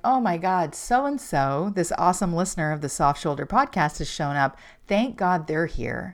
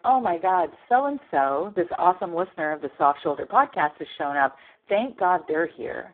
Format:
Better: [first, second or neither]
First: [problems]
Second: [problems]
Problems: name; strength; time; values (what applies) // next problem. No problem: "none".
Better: first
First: none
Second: phone-call audio; poor line